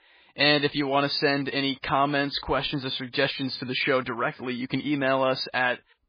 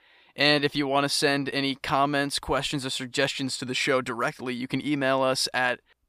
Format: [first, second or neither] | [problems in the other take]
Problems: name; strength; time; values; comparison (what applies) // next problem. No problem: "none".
second | garbled, watery; badly; nothing above 4.5 kHz